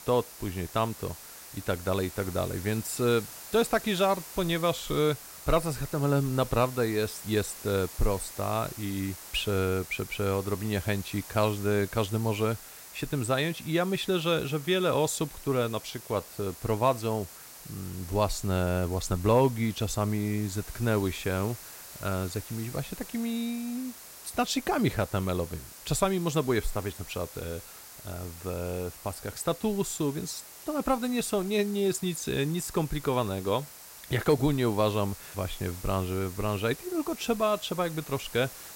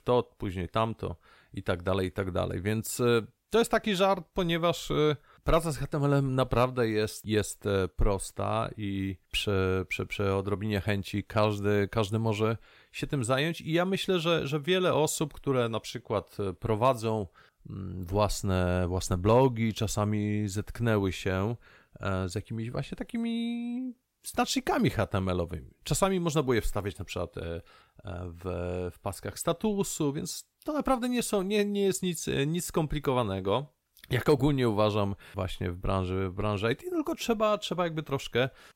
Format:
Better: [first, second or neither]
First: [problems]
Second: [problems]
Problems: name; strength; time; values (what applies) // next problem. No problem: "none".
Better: second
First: hiss; noticeable; throughout; 15 dB below the speech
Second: none